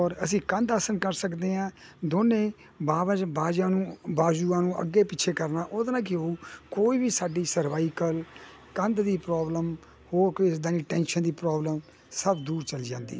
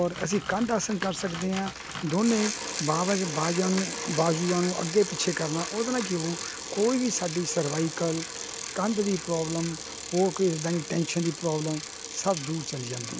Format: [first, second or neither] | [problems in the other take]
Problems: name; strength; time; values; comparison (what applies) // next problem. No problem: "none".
first | background sound (Bicycle); 8 dB below the speech